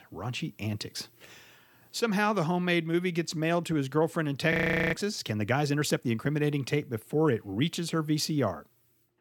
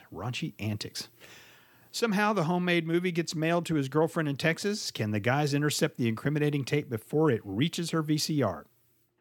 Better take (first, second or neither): second